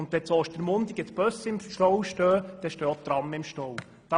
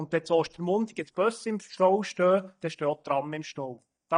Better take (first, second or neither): first